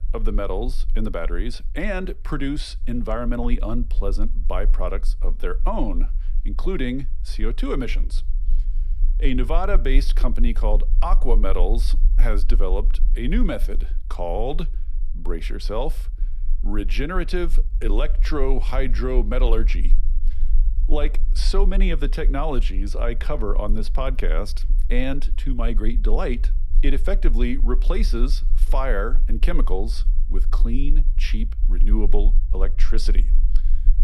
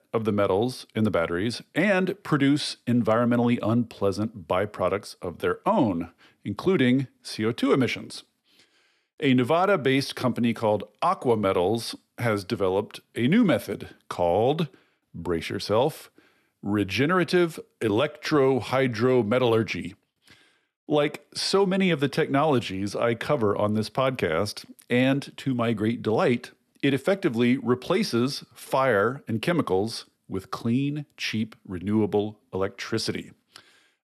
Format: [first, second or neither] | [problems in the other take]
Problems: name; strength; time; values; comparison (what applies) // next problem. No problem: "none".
second | low rumble; faint; throughout; 20 dB below the speech